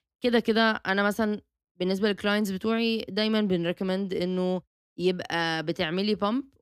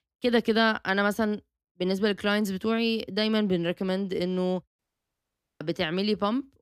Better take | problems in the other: first | audio cutting out; at 5 s for 1 s

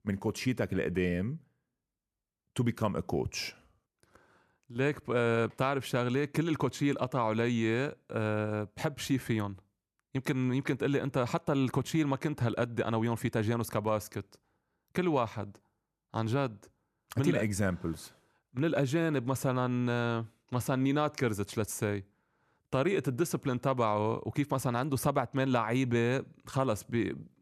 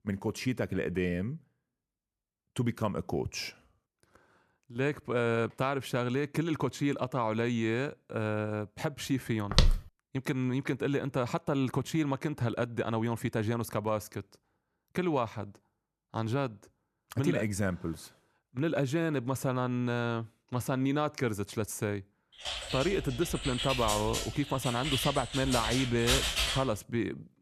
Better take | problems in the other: first | footsteps; loud; at 9.5 s; peak 5 dB above the speech // keyboard typing; loud; from 22 to 27 s; peak 5 dB above the speech

